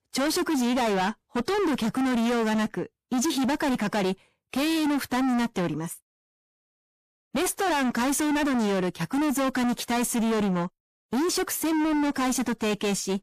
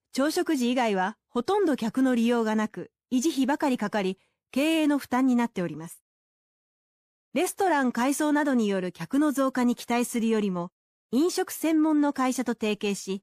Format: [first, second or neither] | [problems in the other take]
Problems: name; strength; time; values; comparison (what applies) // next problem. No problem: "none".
second | distortion; heavy; 36% of the sound clipped